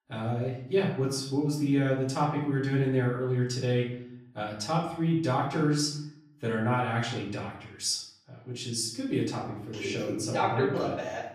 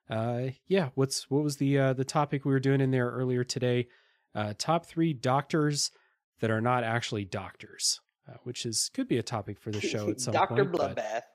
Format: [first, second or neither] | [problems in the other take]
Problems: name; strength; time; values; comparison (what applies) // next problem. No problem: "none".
second | off-mic speech; far // room echo; noticeable; dies away in 0.6 s